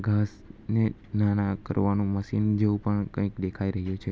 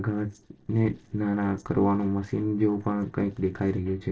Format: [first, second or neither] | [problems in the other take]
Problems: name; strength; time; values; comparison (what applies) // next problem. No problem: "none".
first | noise reduction (neural separator model SepFormer DNS4)